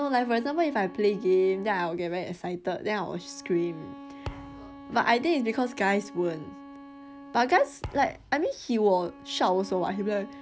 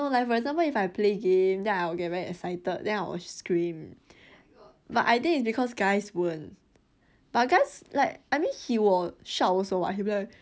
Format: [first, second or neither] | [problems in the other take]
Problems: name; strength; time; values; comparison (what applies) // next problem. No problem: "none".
second | background sound (Thump, thud + Bowed string instrument); 17 dB below the speech